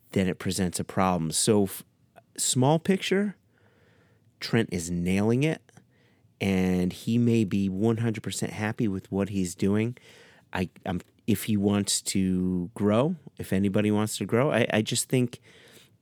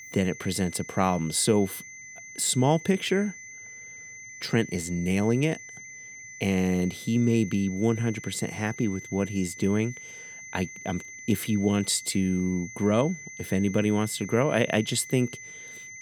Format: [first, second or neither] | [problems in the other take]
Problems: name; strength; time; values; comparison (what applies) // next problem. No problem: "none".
first | high-pitched whine; noticeable; throughout; 2 kHz, 15 dB below the speech